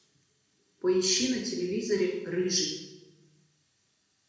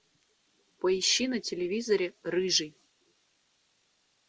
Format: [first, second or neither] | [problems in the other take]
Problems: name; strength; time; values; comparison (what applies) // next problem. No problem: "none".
second | room echo; dies away in 1 s